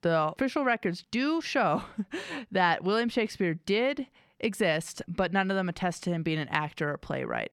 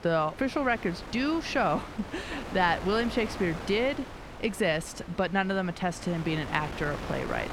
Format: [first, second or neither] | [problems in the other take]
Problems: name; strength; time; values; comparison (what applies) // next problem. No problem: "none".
first | wind noise on the microphone; occasional gusts; 10 dB below the speech